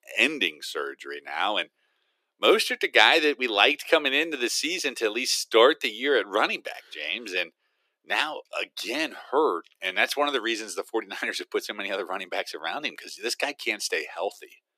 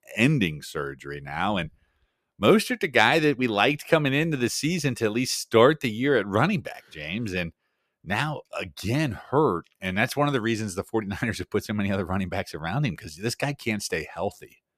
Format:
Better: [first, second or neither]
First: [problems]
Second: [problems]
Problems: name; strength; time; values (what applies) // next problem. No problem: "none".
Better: second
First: thin; somewhat; fading below 350 Hz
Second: none